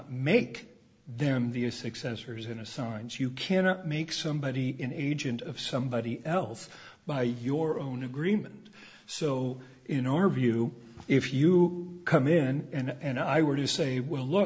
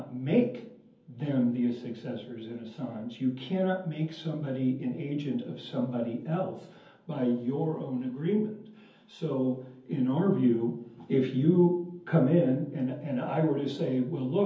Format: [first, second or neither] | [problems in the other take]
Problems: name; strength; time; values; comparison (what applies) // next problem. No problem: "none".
first | room echo; dies away in 0.5 s